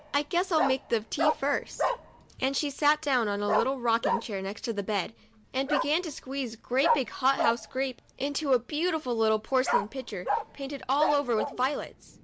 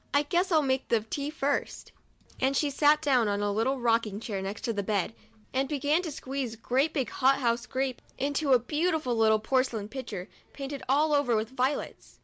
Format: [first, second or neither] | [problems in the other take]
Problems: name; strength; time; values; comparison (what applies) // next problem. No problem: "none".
second | background sound (Bark); 4 dB below the speech